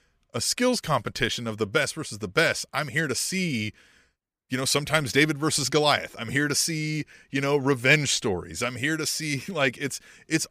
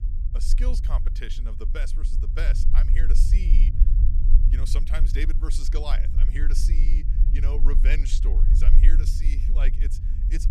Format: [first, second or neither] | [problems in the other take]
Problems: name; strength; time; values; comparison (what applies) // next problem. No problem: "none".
first | low rumble; loud; throughout; 7 dB below the speech